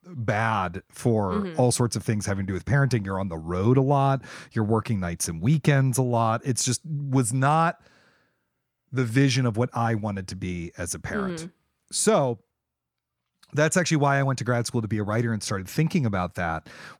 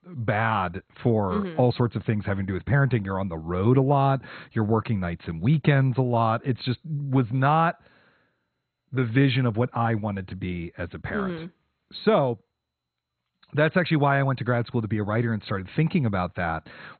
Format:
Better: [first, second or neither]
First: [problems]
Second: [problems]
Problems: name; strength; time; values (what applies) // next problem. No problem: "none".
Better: first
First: none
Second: garbled, watery; badly; nothing above 4 kHz